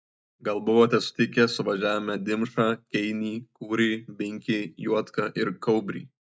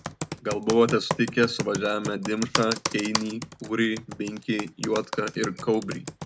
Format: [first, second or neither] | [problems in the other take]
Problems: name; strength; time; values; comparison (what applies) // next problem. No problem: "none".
first | background sound (Computer keyboard); 8 dB below the speech